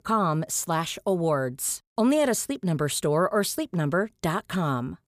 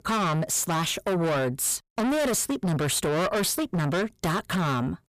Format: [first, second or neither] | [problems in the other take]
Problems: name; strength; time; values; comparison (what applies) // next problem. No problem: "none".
first | distortion; heavy; 6 dB below the speech